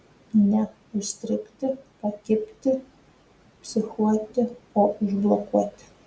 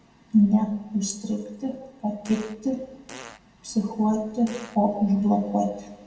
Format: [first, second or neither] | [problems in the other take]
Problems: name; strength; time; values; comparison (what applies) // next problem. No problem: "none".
first | background sound (Fart); 19 dB below the speech // room echo; dies away in 0.7 s